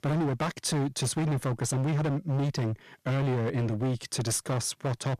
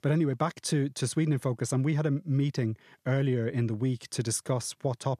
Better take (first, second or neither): second